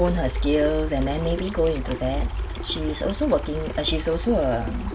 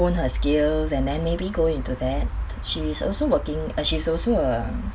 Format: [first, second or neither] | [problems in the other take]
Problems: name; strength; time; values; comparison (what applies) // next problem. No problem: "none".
second | background sound (Sink (filling or washing) / Water tap, faucet); 15 dB below the speech